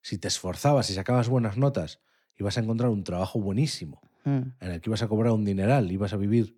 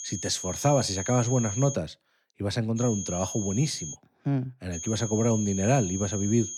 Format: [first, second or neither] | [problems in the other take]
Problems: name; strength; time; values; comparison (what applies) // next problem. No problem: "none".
first | high-pitched whine; loud; until 2 s, from 3 to 4 s and from 4.5 s on; 6.5 kHz, 7 dB below the speech